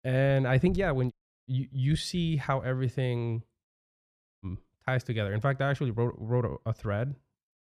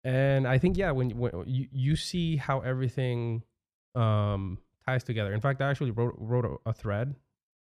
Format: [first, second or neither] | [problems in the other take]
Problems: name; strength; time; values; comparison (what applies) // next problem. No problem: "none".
second | audio cutting out; at 1 s and at 3.5 s for 1 s